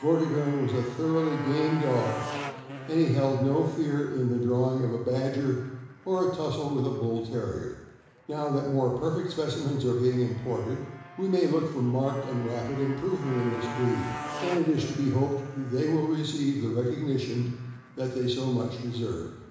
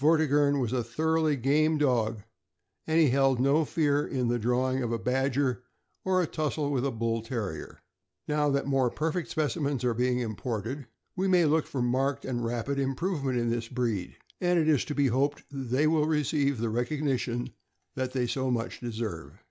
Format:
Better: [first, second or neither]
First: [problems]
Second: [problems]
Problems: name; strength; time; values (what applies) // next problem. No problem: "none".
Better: second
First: background sound (Motorcycle); 15 dB below the speech // room echo; dies away in 1 s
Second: none